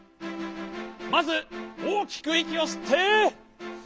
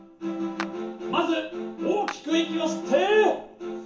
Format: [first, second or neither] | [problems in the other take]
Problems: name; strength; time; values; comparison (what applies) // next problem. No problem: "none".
first | background sound (Clapping); 17 dB below the speech // room echo; dies away in 0.7 s